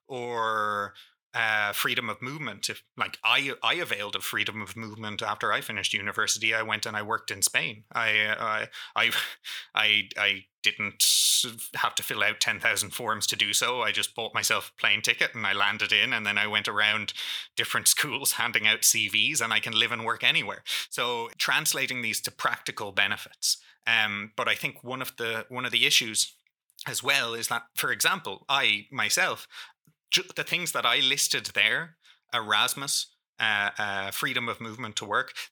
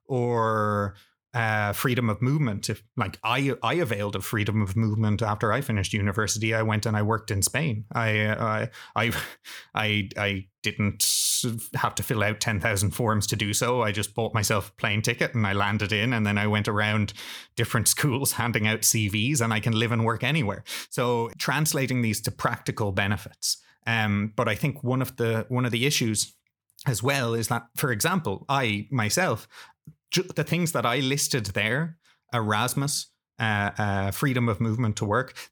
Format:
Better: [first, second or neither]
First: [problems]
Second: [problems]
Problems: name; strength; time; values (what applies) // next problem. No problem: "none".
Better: second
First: thin; very; fading below 1 kHz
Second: none